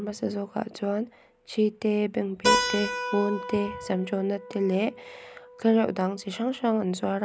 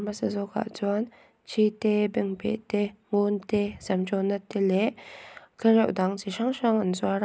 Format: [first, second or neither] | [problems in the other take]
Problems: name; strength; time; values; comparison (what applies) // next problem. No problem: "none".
second | background sound (Keyboard (musical)); 6 dB below the speech